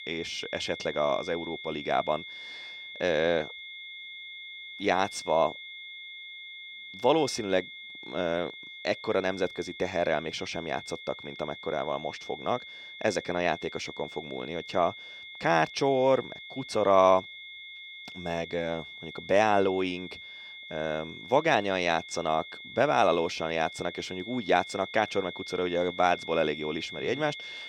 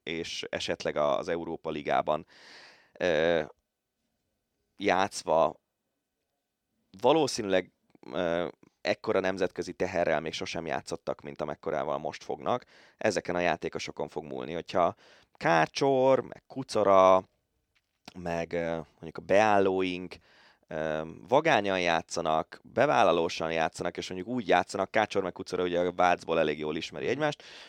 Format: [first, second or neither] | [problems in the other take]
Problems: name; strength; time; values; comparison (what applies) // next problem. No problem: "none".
second | high-pitched whine; noticeable; throughout; 2 kHz, 10 dB below the speech